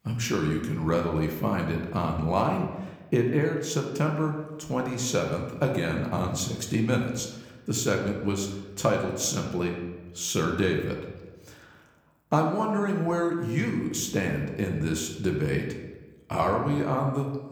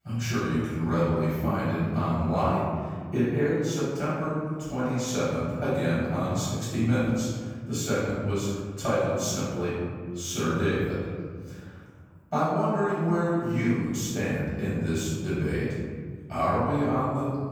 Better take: first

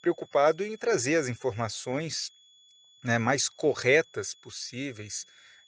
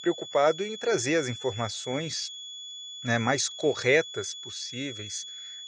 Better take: first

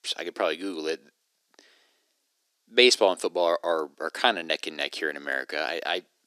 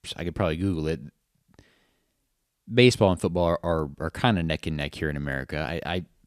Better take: second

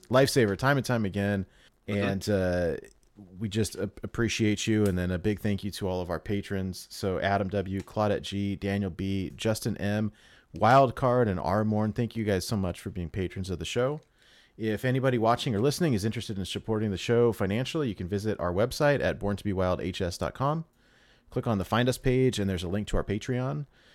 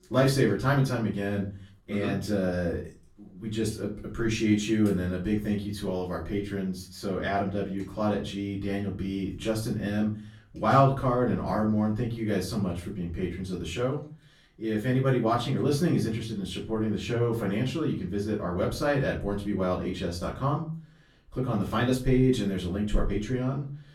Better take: first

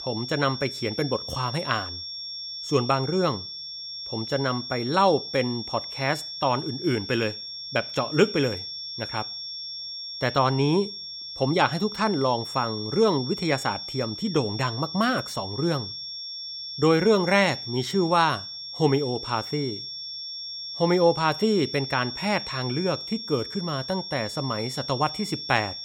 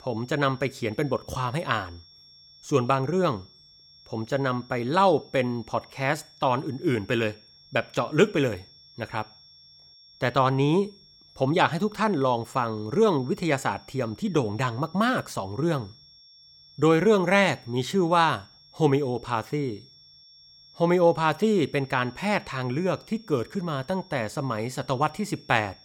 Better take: second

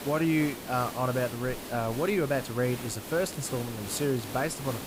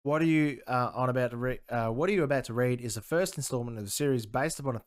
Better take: second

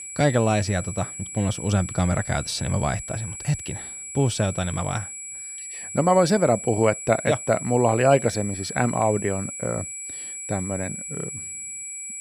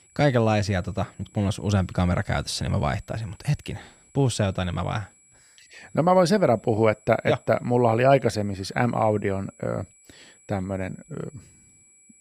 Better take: second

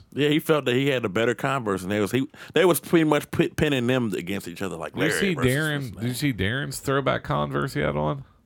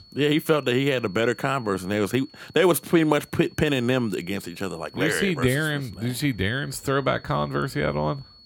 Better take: first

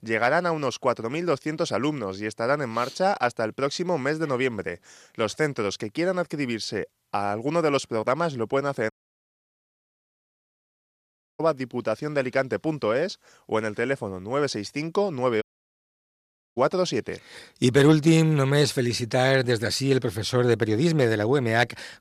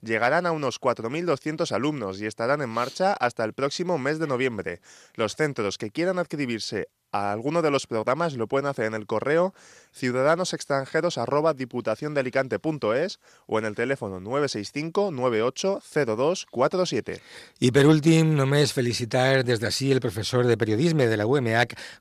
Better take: second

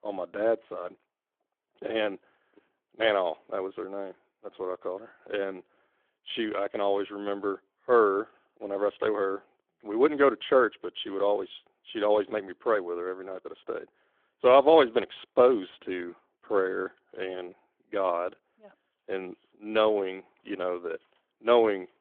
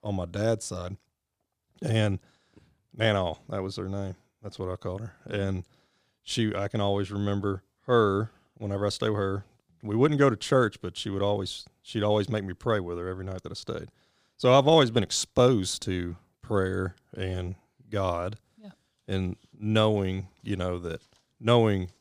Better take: second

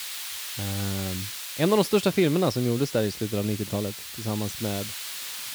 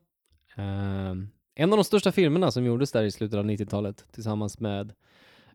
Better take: second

